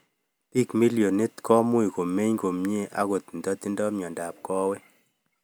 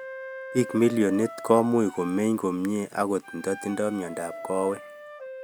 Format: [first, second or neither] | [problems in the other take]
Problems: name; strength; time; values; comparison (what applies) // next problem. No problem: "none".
first | background sound (Wind instrument, woodwind instrument); 15 dB below the speech